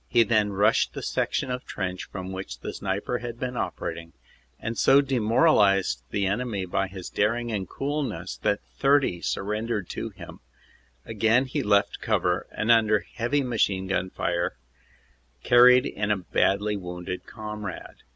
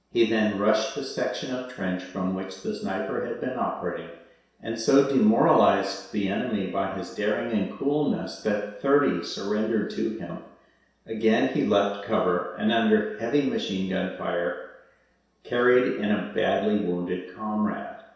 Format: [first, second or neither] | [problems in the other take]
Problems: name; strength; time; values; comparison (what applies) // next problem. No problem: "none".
first | room echo; dies away in 0.7 s